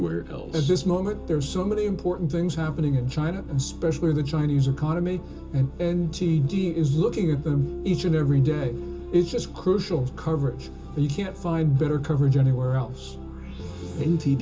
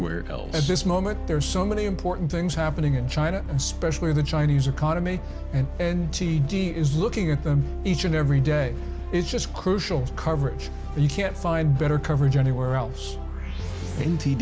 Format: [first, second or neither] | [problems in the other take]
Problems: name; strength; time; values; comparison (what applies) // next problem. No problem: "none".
second | room echo; dies away in 0.2 s